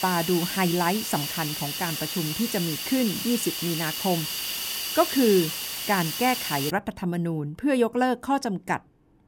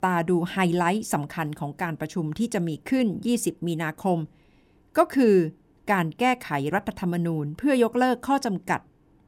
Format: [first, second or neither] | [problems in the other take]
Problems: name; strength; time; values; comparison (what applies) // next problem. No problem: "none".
second | hiss; loud; until 6.5 s; 3 dB below the speech